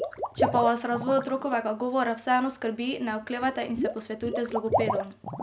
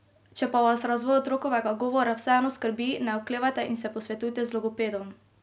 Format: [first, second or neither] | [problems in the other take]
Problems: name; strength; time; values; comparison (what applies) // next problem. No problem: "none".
second | background sound (Water / Liquid); 4 dB below the speech